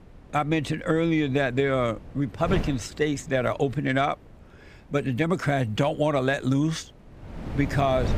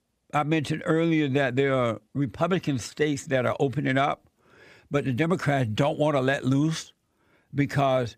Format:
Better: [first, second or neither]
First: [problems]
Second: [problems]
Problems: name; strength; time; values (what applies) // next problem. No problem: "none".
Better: second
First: wind noise on the microphone; occasional gusts; 20 dB below the speech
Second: none